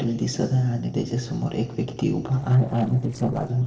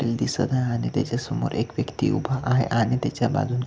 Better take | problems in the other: second | noise reduction (neural separator model SepFormer DNS4)

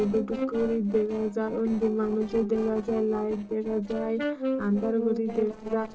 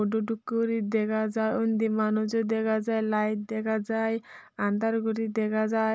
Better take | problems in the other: second | noise reduction (neural separator model SepFormer DNS4)

